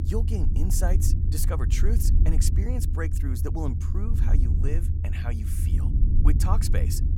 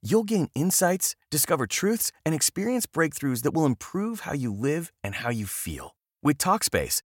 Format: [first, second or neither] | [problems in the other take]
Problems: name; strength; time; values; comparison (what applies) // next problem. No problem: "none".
second | low rumble; loud; throughout; 5 dB below the speech